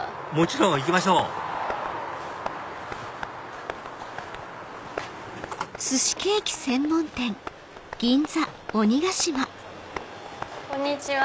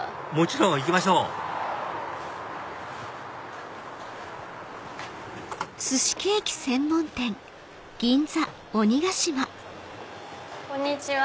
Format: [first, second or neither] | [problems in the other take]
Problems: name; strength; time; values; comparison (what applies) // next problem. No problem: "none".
second | background sound (Tap); 14 dB below the speech